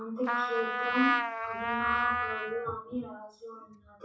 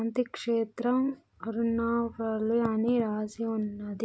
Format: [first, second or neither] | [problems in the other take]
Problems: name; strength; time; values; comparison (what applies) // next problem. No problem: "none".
second | noise reduction (classical method WPE with log-MMSE)